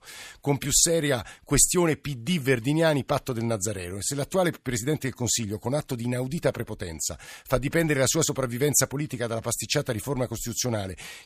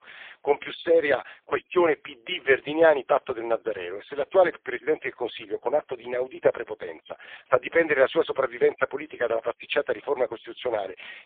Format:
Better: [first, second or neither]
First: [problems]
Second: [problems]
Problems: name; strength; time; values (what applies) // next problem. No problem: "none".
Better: first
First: none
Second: phone-call audio; poor line